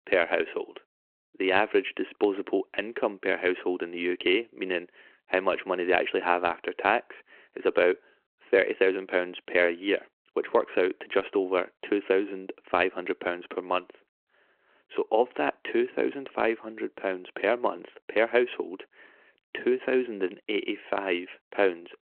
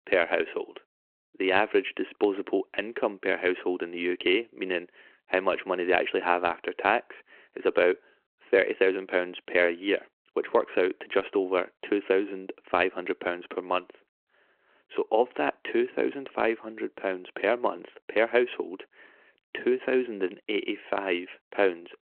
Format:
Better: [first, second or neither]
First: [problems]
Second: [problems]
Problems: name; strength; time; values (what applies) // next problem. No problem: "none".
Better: neither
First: phone-call audio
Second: phone-call audio